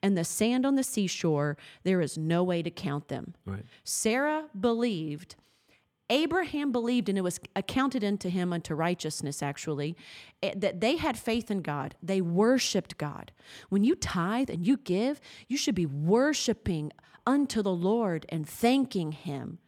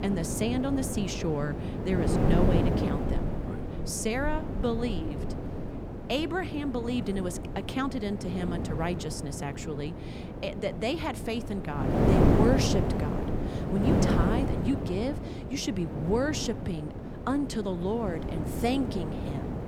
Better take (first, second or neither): first